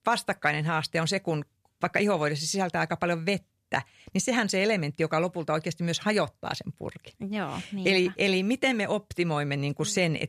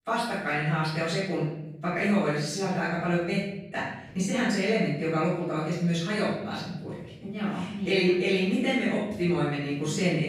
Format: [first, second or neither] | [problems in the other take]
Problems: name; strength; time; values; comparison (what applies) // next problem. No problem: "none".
first | room echo; strong; dies away in 0.9 s // off-mic speech; far